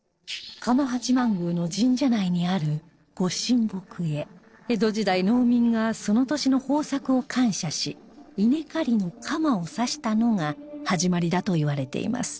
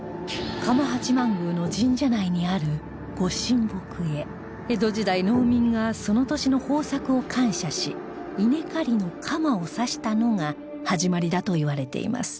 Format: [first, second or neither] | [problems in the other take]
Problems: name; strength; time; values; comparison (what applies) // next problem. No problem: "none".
second | noise reduction (neural separator model SepFormer DNS4)